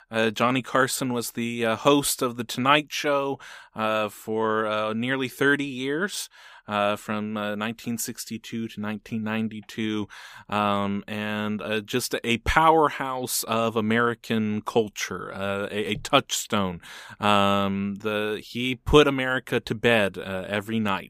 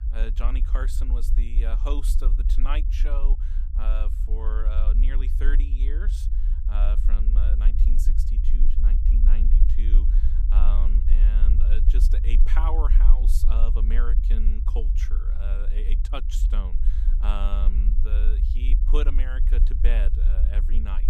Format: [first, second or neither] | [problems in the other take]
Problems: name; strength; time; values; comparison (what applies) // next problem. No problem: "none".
first | low rumble; loud; throughout; 7 dB below the speech